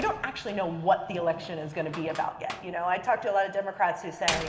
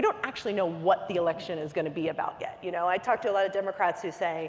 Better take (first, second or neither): second